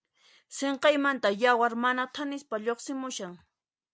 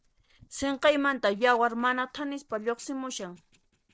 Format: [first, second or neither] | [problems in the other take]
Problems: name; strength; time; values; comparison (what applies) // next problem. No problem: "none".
first | noise reduction (neural separator model SepFormer DNS4)